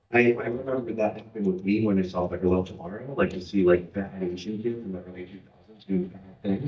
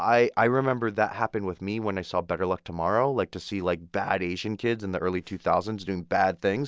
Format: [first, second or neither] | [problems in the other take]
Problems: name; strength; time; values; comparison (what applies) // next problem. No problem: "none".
second | noise reduction (neural mask model DeepFilterNet 3)